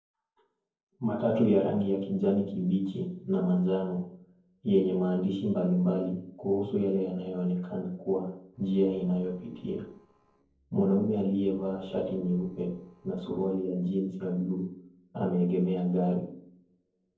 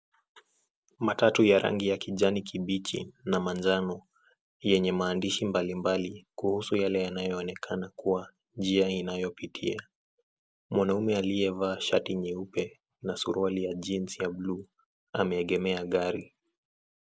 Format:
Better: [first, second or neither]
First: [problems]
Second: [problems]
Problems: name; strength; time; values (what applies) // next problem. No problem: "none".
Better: second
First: noise reduction (neural separator model SepFormer DNS4)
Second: none